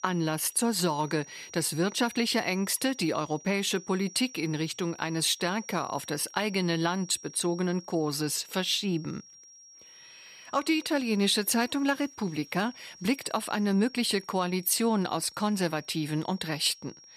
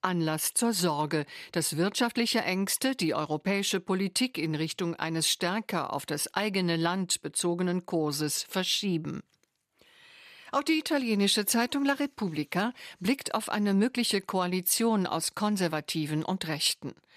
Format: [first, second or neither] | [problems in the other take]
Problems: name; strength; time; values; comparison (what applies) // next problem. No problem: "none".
second | high-pitched whine; noticeable; throughout; 5.5 kHz, 20 dB below the speech